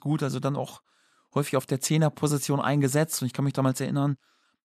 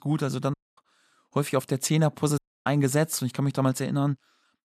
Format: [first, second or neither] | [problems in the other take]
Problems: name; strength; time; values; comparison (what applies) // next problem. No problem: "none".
first | audio cutting out; at 0.5 s and at 2.5 s